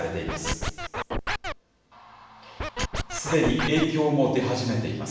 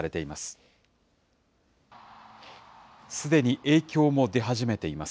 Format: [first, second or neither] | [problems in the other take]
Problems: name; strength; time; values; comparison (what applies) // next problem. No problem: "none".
second | background sound (Scratching (performance technique)); 3 dB below the speech // room echo; dies away in 1.1 s